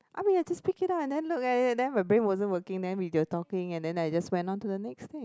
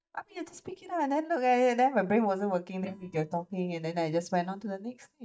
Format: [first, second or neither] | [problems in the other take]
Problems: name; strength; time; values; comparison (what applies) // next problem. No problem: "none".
first | noise reduction (neural mask model DeepFilterNet 3)